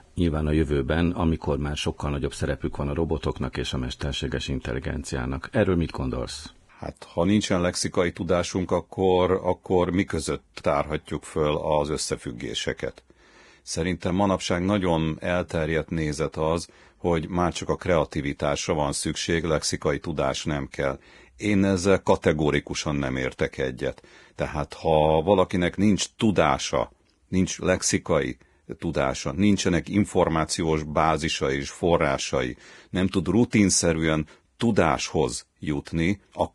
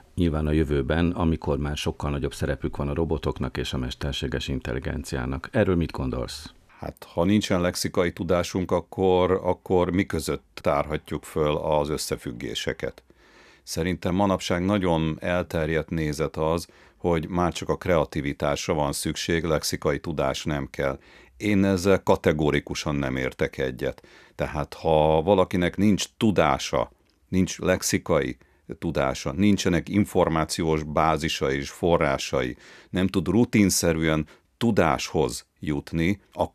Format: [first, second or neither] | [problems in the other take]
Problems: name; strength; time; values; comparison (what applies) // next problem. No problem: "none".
second | garbled, watery; badly; nothing above 10.5 kHz